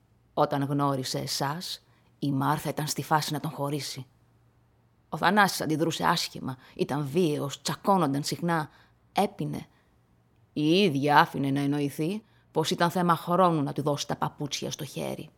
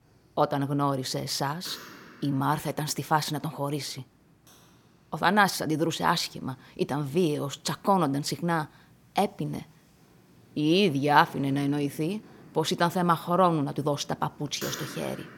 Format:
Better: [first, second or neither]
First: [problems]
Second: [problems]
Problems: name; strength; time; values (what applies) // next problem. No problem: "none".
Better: first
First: none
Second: animal sounds; noticeable; throughout; 20 dB below the speech